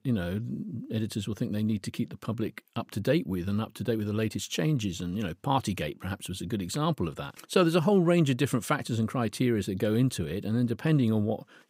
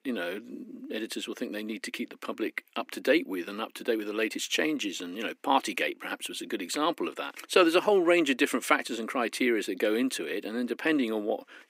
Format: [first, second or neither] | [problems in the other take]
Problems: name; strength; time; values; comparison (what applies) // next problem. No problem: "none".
first | thin; somewhat; fading below 250 Hz